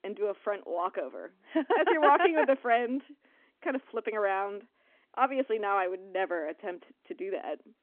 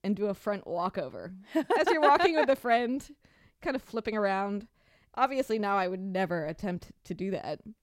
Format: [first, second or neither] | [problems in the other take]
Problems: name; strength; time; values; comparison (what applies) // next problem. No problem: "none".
second | phone-call audio